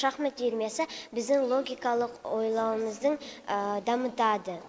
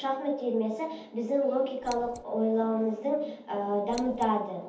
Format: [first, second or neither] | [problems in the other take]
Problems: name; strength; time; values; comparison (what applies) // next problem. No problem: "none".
first | background sound (Scissors); 18 dB below the speech // room echo; dies away in 0.6 s